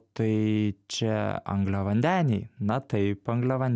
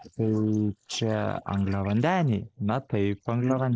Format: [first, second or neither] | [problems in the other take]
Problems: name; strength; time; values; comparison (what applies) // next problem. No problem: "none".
first | noise reduction (neural mask model Resemble Enhance denoiser)